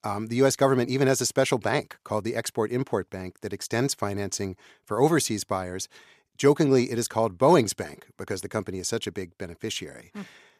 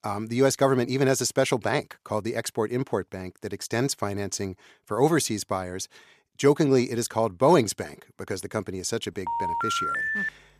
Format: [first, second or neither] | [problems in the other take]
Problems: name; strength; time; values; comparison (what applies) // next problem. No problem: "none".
first | phone ringing; noticeable; from 9.5 s on; peak level with the speech